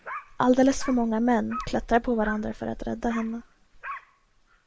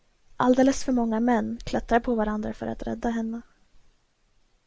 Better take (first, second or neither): second